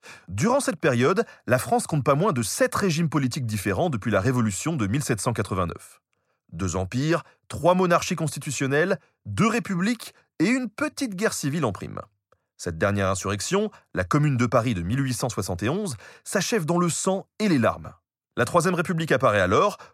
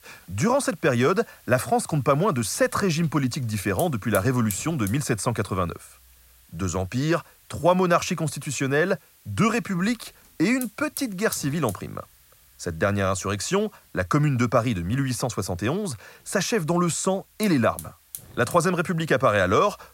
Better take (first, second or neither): first